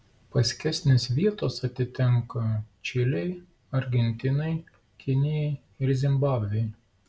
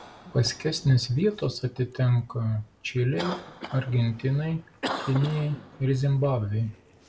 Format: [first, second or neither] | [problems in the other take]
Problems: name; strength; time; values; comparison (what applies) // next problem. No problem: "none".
first | background sound (Cough); 14 dB below the speech